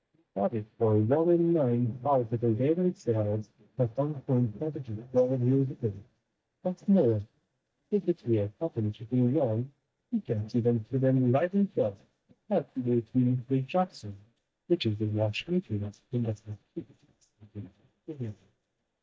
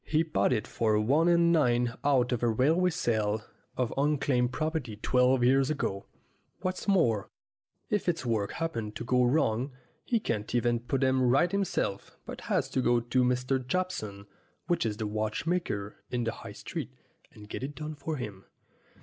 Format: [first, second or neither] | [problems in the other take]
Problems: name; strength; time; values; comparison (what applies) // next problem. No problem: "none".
second | noise reduction (neural mask model DeepFilterNet 3)